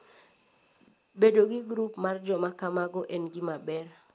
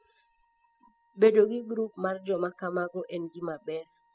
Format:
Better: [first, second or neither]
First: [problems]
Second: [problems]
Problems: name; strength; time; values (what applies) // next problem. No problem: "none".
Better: first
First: none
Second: noise reduction (classical method spectral subtraction)